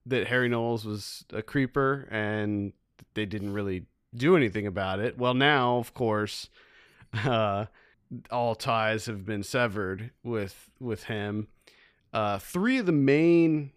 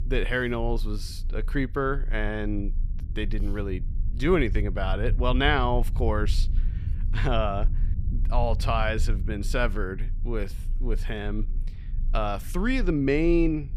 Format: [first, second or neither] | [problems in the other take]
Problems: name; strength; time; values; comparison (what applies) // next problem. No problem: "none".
first | low rumble; faint; throughout; 20 dB below the speech